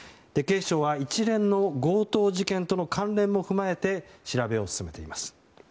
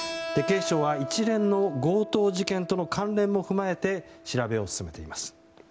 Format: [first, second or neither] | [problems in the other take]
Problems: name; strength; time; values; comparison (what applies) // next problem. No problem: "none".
first | background sound (Keyboard (musical)); 11 dB below the speech